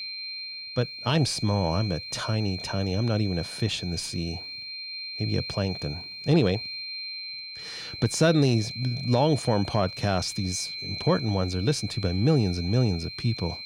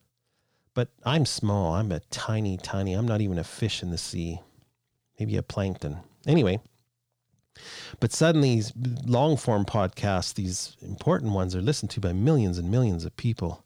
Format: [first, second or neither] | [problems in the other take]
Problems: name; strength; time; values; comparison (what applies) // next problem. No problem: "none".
second | high-pitched whine; loud; throughout; 4 kHz, 8 dB below the speech